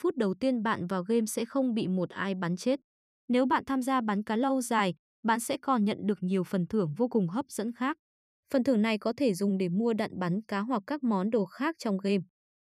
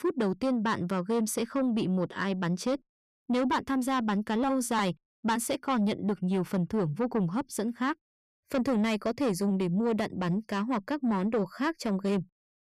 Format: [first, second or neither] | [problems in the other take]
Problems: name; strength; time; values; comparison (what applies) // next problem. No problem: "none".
first | distortion; slight; 10 dB below the speech